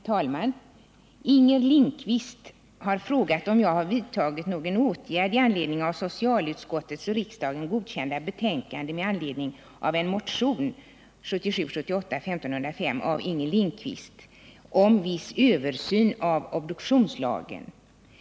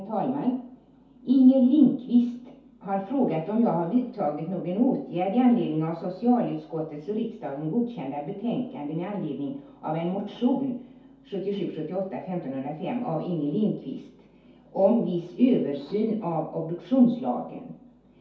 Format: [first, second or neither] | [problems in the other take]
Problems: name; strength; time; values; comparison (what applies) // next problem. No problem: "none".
first | room echo; dies away in 0.6 s